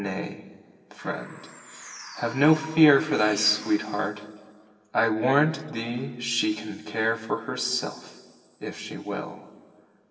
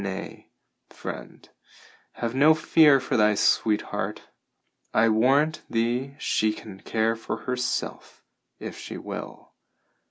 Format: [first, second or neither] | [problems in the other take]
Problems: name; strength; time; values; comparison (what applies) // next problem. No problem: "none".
second | background sound (Bird); 17 dB below the speech // room echo; dies away in 1.9 s